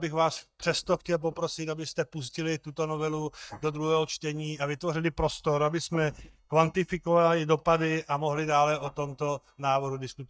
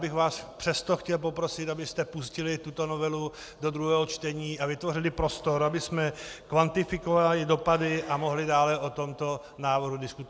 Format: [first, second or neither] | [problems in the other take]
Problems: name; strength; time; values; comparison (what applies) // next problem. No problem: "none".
second | noise reduction (neural mask model DeepFilterNet 3)